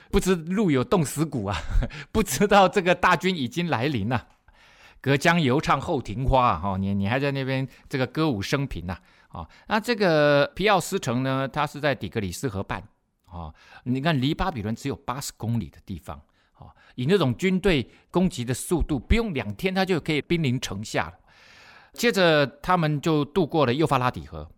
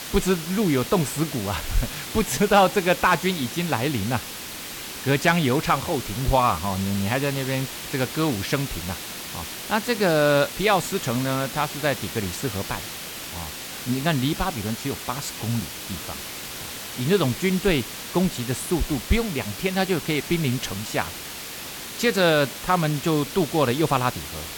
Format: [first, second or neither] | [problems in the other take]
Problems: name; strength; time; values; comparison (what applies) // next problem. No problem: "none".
first | hiss; loud; throughout; 9 dB below the speech